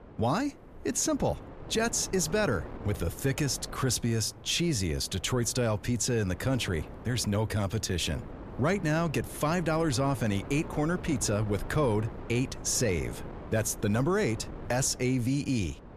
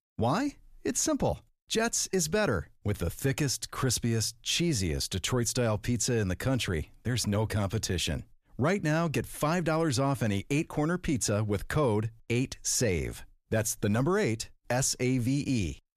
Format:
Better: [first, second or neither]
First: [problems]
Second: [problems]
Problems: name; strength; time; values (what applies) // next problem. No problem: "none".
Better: second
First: wind noise on the microphone; occasional gusts; 15 dB below the speech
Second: none